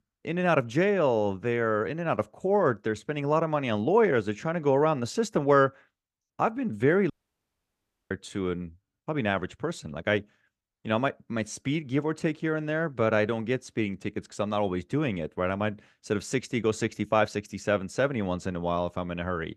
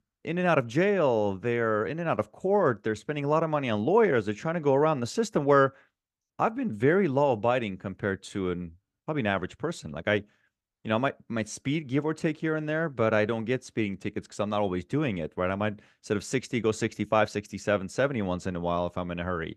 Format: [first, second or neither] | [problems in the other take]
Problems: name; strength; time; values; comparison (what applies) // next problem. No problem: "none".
second | audio cutting out; at 7 s for 1 s